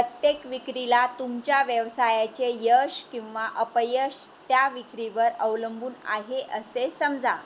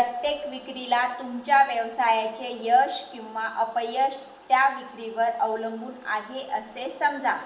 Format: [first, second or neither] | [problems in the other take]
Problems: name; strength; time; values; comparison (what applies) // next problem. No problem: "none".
first | room echo; dies away in 0.7 s